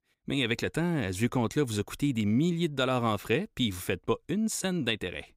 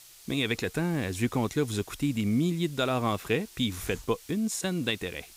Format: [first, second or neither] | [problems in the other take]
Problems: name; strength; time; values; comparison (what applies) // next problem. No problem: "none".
first | hiss; noticeable; throughout; 20 dB below the speech